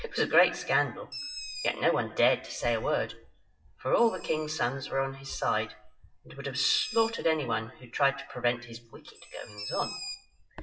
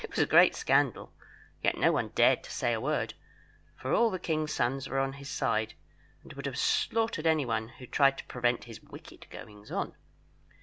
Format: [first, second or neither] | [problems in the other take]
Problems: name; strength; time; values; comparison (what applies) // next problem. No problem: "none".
second | noise reduction (classical method WPE with log-MMSE)